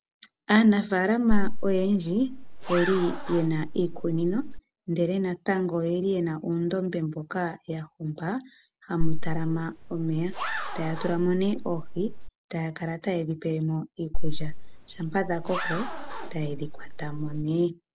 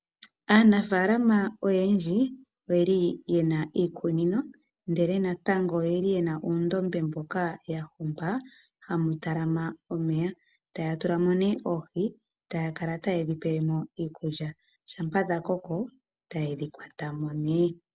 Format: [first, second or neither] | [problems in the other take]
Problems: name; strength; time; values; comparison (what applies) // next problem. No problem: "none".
second | background sound (Zipper (clothing)); 2 dB above the speech